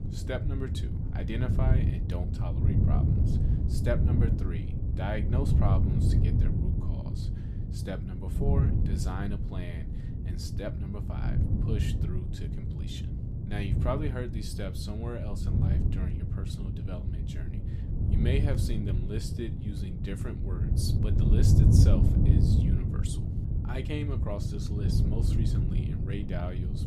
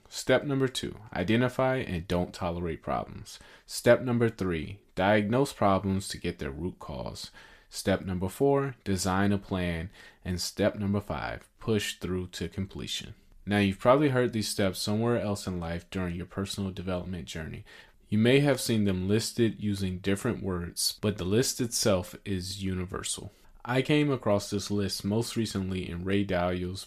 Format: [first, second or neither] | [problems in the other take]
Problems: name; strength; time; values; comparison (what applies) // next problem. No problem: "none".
second | wind noise on the microphone; heavy; as loud as the speech